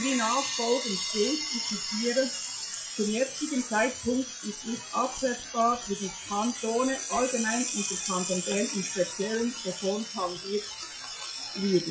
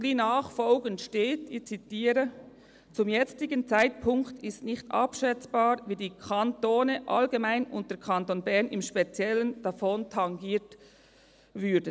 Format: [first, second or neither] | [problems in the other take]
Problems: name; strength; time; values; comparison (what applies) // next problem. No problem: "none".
second | noise reduction (classical method WPE with log-MMSE)